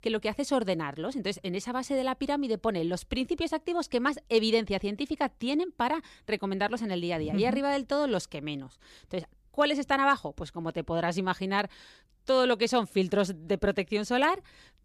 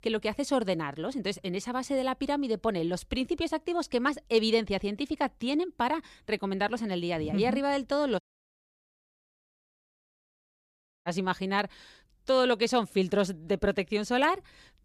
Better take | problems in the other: first | audio cutting out; at 8 s for 3 s

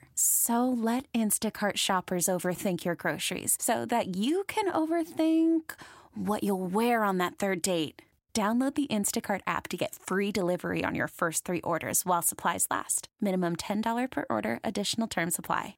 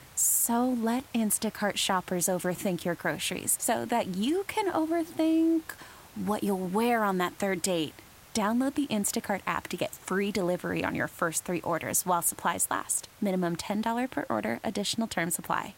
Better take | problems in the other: first | hiss; faint; throughout; 25 dB below the speech

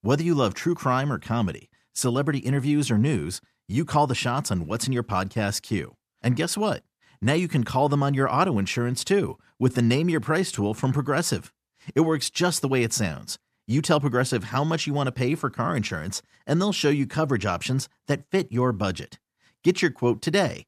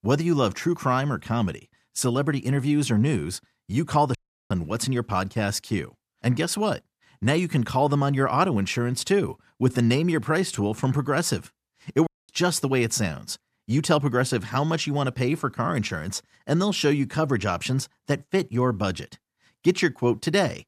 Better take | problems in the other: first | audio cutting out; at 4 s and at 12 s

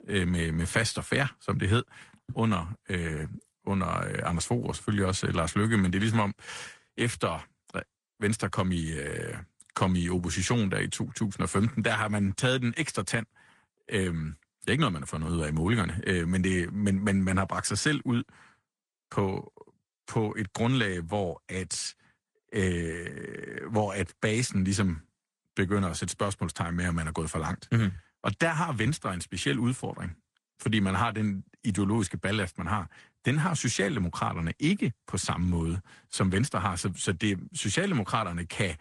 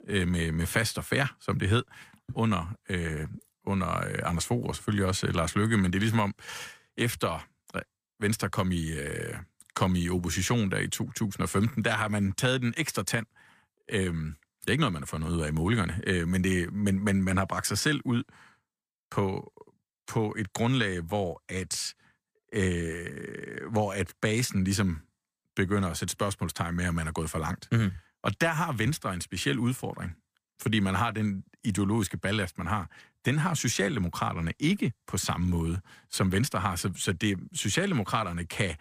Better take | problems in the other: second | garbled, watery; slightly; nothing above 10 kHz

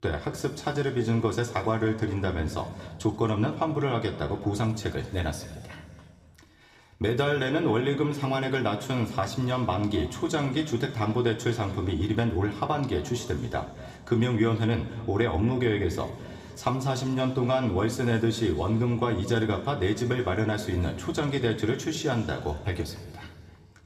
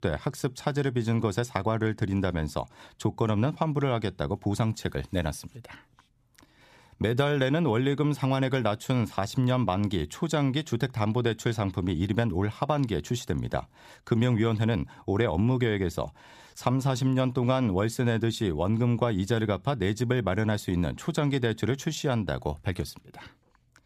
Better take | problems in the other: second | room echo; slight; dies away in 2 s

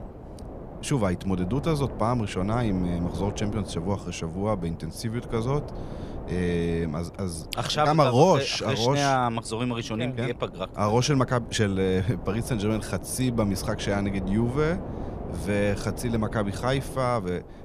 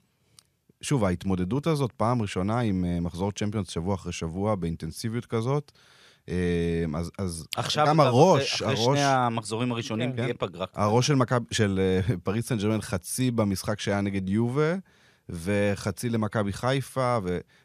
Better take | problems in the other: second | wind noise on the microphone; occasional gusts; 15 dB below the speech

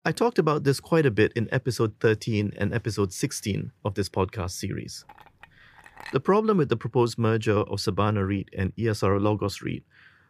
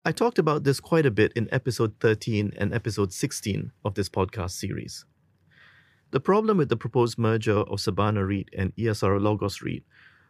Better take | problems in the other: second | clattering dishes; faint; from 5 to 6 s; peak 15 dB below the speech

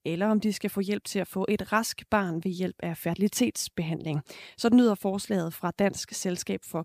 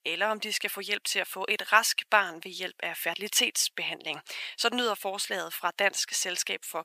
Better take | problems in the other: first | thin; very; fading below 800 Hz

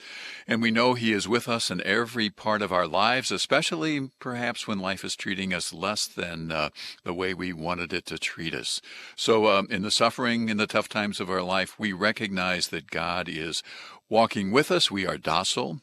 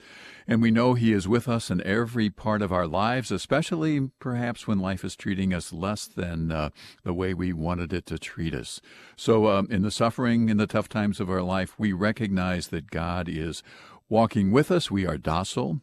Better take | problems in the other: second | thin; very slightly; fading below 1 kHz

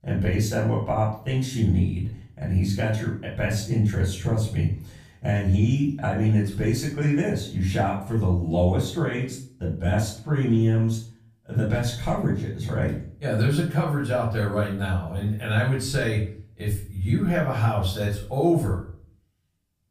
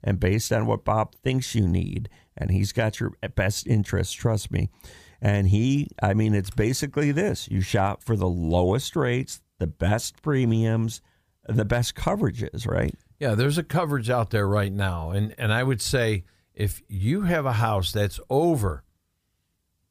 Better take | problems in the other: second | off-mic speech; far // room echo; noticeable; dies away in 0.4 s

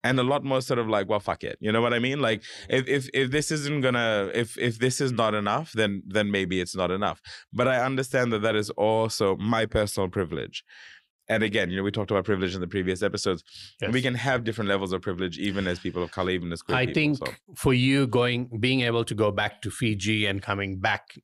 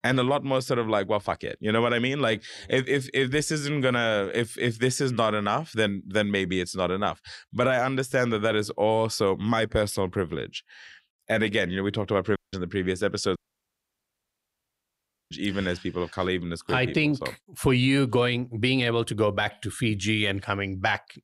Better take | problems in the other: first | audio cutting out; at 12 s and at 13 s for 2 s

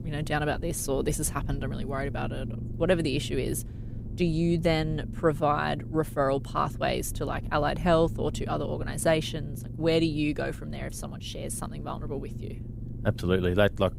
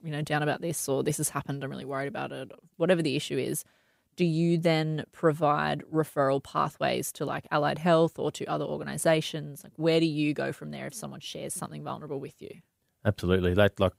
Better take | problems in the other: second | low rumble; noticeable; throughout; 20 dB below the speech

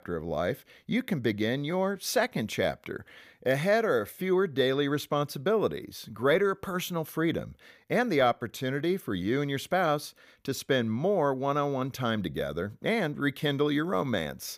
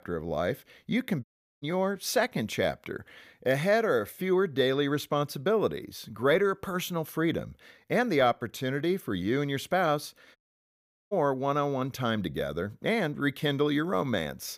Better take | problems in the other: first | audio cutting out; at 1 s and at 10 s for 1 s

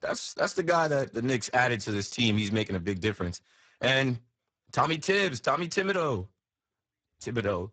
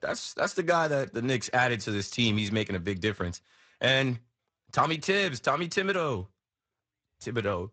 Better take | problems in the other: second | garbled, watery; badly; nothing above 7.5 kHz; slightly in the second

